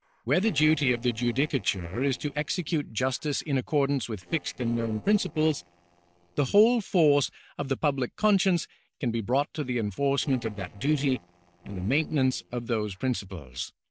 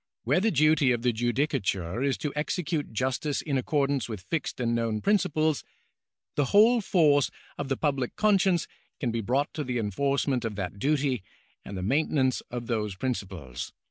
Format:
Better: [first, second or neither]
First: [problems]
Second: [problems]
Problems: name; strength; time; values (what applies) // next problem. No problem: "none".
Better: second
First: noise reduction (neural separator model SepFormer DNS4)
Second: none